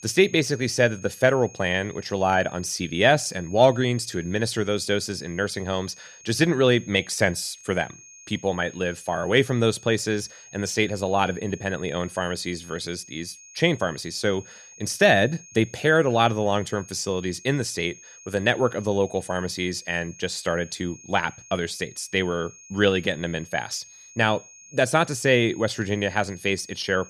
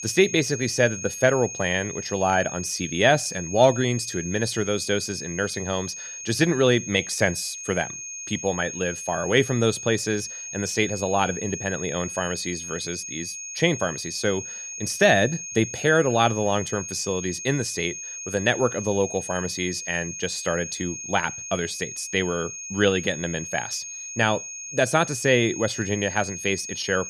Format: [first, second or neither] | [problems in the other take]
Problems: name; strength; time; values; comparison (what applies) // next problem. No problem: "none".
first | high-pitched whine; loud; throughout; 6.5 kHz, 8 dB below the speech; faint in the first